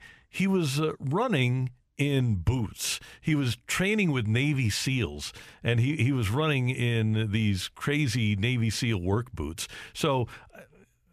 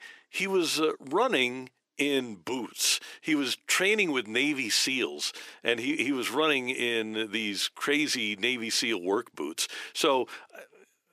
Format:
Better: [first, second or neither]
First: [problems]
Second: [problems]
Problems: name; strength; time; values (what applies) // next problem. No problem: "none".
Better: first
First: none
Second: thin; somewhat; fading below 300 Hz